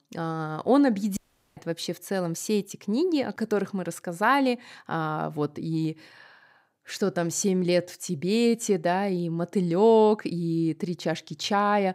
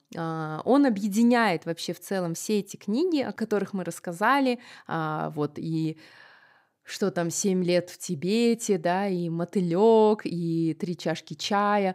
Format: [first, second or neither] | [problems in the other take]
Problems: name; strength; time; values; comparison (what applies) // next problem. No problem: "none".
second | audio cutting out; at 1 s